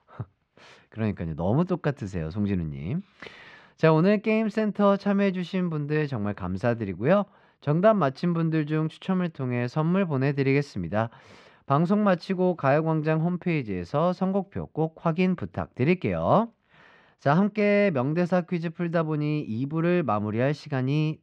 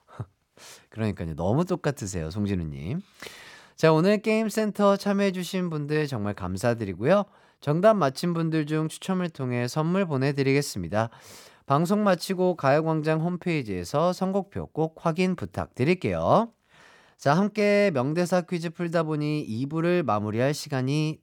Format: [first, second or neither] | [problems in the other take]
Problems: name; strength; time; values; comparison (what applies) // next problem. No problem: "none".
second | muffled; slightly; fading above 2.5 kHz